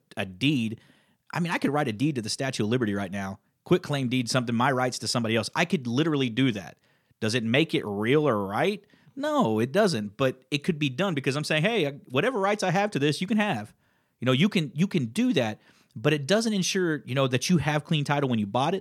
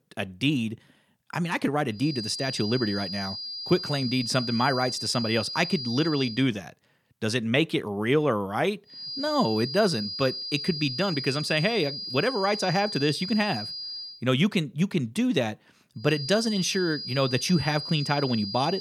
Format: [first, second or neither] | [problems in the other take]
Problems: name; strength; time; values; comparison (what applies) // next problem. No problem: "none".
first | high-pitched whine; loud; from 2 to 6.5 s, from 9 to 14 s and from 16 s on; 5 kHz, 6 dB below the speech